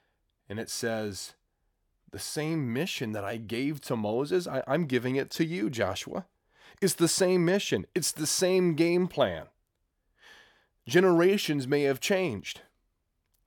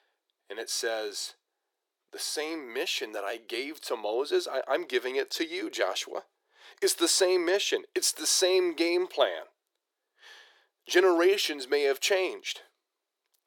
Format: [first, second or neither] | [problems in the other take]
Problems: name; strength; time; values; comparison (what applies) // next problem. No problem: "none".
first | thin; very; fading below 350 Hz